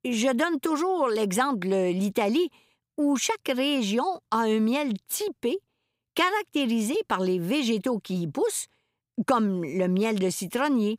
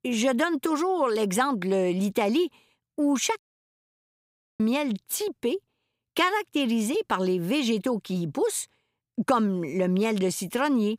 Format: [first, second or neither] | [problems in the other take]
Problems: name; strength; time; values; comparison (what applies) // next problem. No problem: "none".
first | audio cutting out; at 3.5 s for 1 s